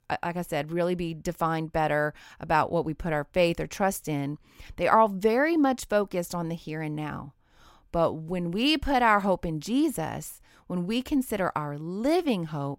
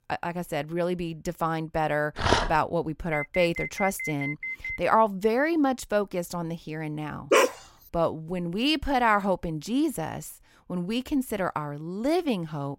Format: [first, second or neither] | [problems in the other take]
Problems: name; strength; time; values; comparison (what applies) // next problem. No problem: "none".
first | dog barking; loud; at 2 s and at 7.5 s; peak 6 dB above the speech // alarm; noticeable; from 3 to 5 s; peak 5 dB below the speech